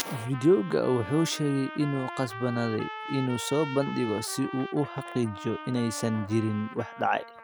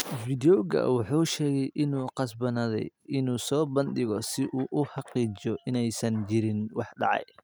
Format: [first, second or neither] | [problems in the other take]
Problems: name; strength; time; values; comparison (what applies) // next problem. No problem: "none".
second | background sound (Trumpet); 12 dB below the speech